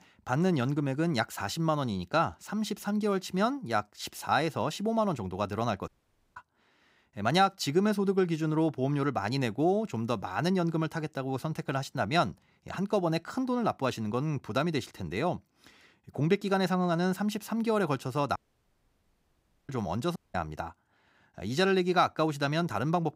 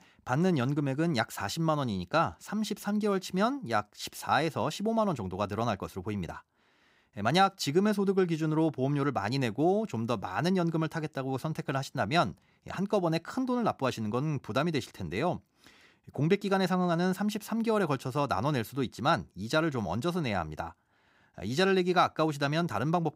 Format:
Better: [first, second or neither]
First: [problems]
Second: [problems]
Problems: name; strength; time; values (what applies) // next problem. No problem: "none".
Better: second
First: audio cutting out; at 6 s, at 18 s for 1.5 s and at 20 s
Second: none